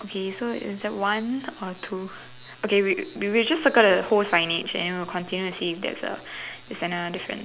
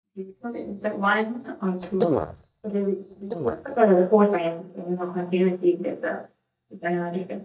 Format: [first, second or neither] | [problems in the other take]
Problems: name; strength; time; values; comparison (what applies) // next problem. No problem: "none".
first | noise reduction (neural mask model DeepFilterNet 3)